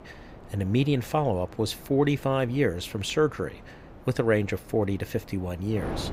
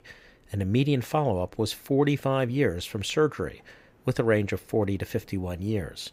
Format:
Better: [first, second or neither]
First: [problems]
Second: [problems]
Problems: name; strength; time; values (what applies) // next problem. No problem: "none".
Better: second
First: wind noise on the microphone; occasional gusts; 20 dB below the speech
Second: none